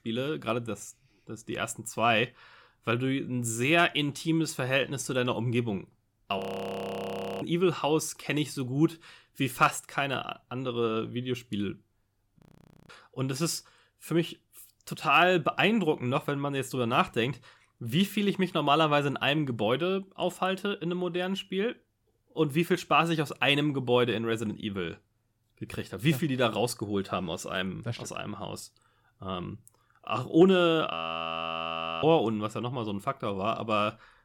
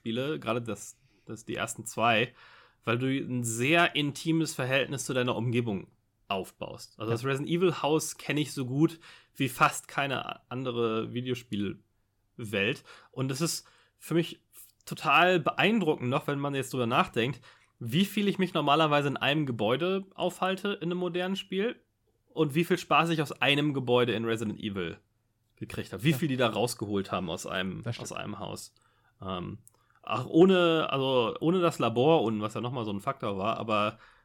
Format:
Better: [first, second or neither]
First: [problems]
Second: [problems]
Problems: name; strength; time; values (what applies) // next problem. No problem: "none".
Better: second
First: audio freezing; at 6.5 s for 1 s, at 12 s for 0.5 s and at 31 s for 1 s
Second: none